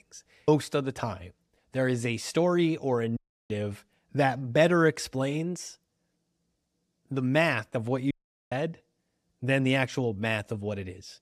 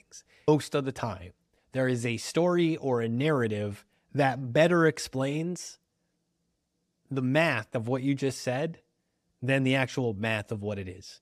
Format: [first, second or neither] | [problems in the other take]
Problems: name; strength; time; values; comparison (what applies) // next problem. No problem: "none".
second | audio cutting out; at 3 s and at 8 s